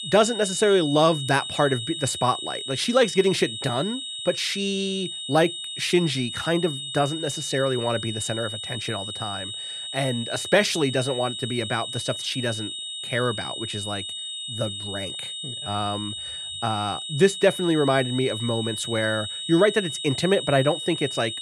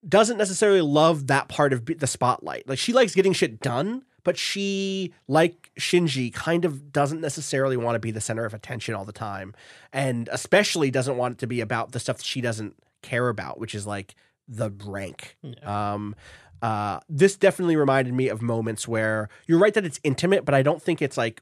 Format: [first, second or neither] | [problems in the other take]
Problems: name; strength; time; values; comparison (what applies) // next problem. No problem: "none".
second | high-pitched whine; loud; throughout; 3.5 kHz, 6 dB below the speech